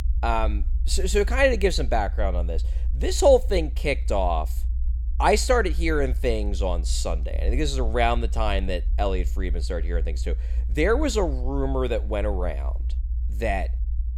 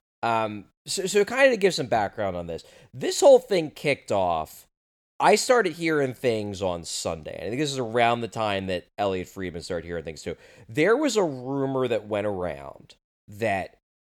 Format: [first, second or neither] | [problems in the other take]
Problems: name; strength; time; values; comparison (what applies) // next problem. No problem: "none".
second | low rumble; faint; throughout; 25 dB below the speech